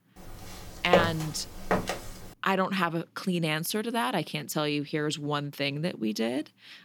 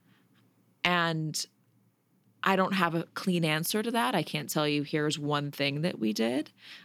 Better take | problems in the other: second | footsteps; loud; at 1 s; peak 4 dB above the speech

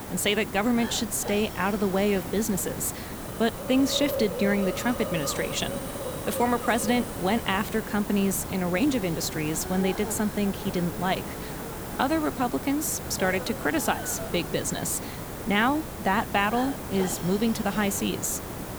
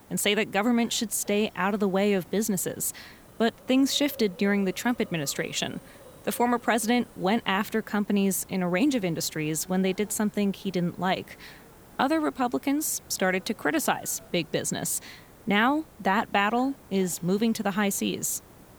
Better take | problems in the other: second | hiss; loud; throughout; 7 dB below the speech; faint in the second

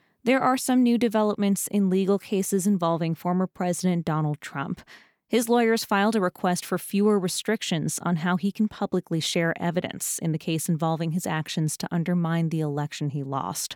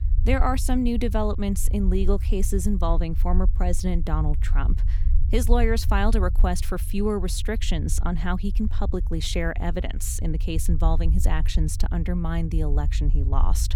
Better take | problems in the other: first | low rumble; noticeable; throughout; 15 dB below the speech

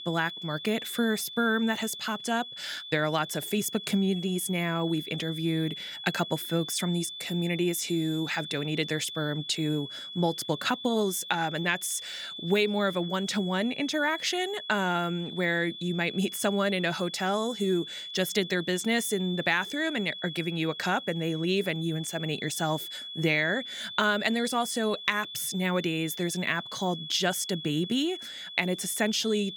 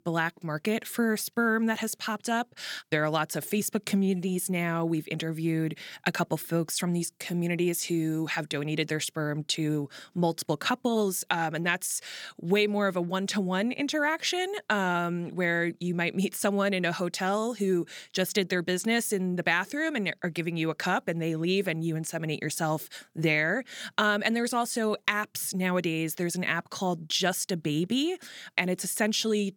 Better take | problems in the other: second | high-pitched whine; loud; throughout; 3.5 kHz, 9 dB below the speech

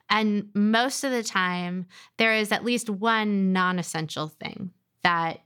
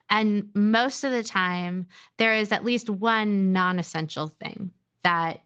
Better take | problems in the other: first | garbled, watery; slightly

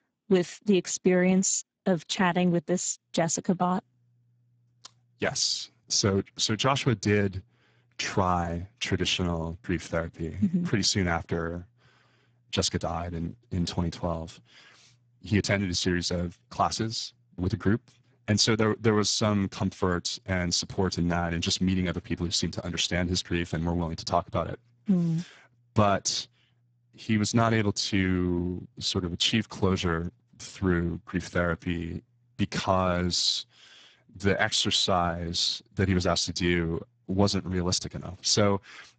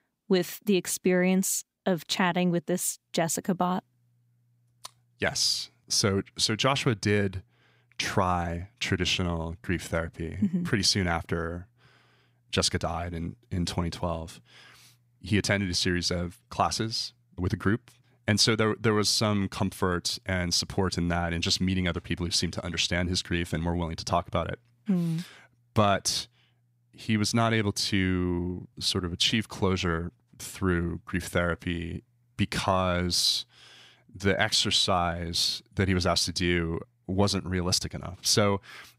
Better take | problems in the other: second | garbled, watery; badly; nothing above 7.5 kHz

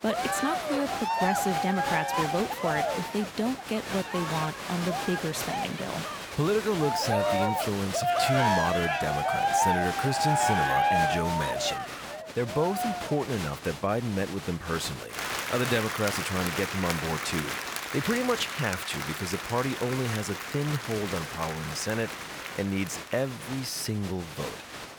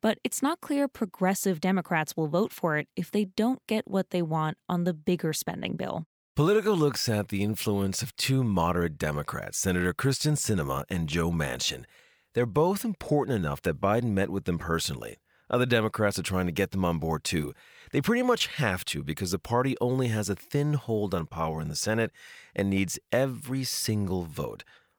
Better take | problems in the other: second | crowd noise; very loud; throughout; as loud as the speech

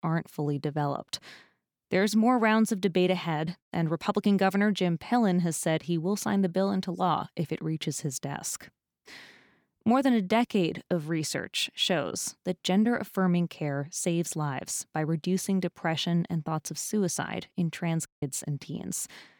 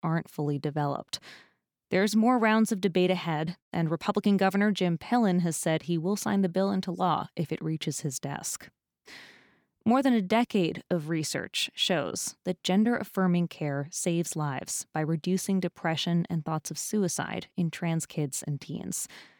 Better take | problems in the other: second | audio cutting out; at 18 s

